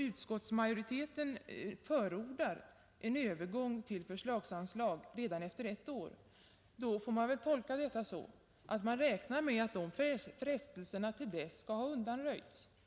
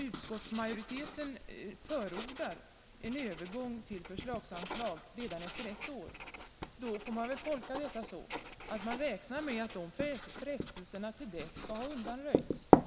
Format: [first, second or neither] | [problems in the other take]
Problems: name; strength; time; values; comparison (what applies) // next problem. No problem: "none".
first | background sound (Writing); 3 dB above the speech